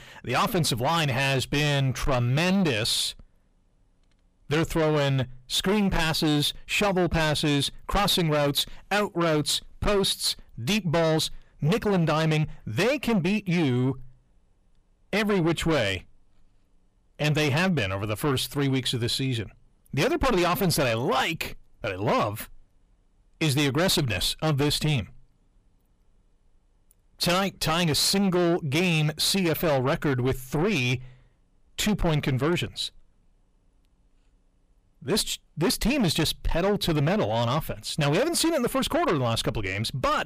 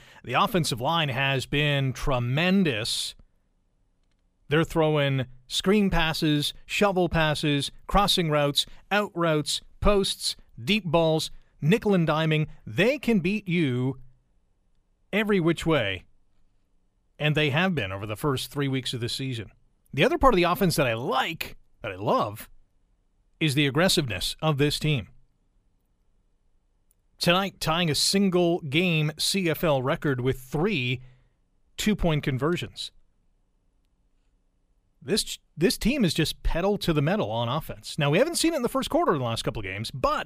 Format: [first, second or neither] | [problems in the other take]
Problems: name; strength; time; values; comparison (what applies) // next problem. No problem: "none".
second | distortion; heavy; 7 dB below the speech